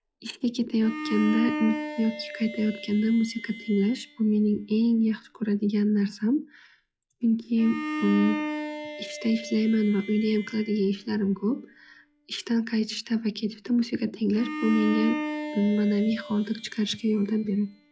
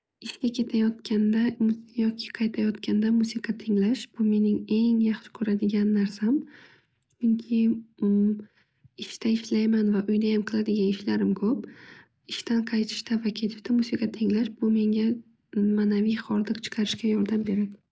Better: second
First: noise reduction (classical method log-MMSE)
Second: none

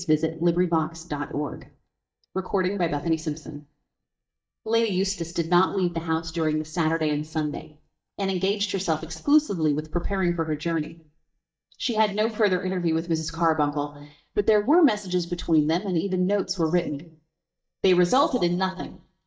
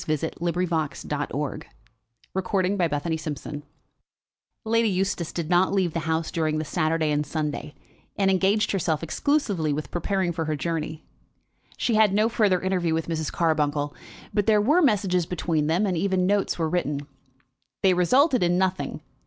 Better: second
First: noise reduction (neural mask model DeepFilterNet 3)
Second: none

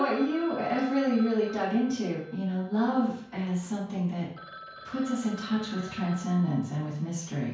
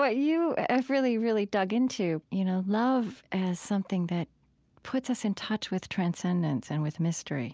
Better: second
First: background sound (Telephone); 18 dB below the speech // room echo; dies away in 0.5 s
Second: none

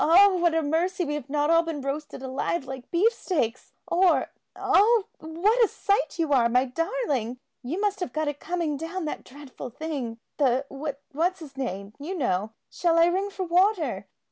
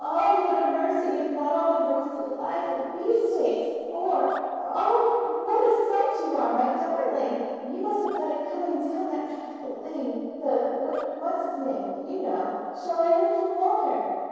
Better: first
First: none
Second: noise reduction (neural separator model SepFormer DNS4)

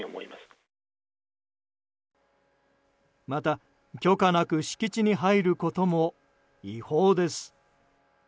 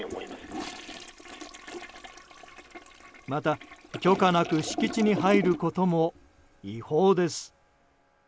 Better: first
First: none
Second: background sound (Toilet flush); 11 dB below the speech

